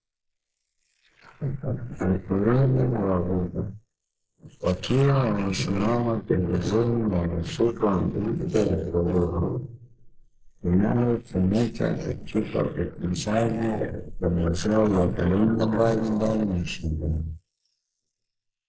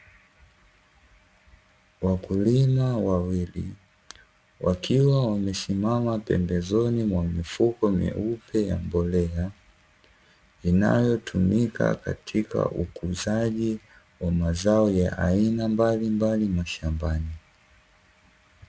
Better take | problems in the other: second | noise reduction (neural mask model Resemble Enhance denoiser)

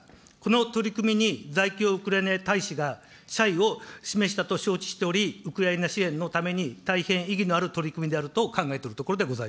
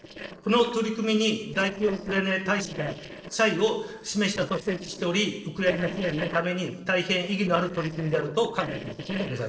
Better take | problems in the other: first | noise reduction (neural separator model SepFormer DNS4)

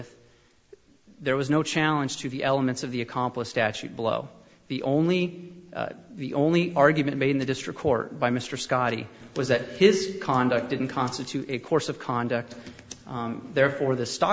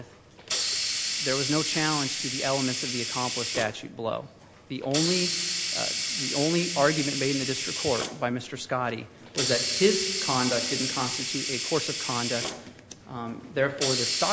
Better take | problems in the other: first | background sound (Hiss); 2 dB below the speech

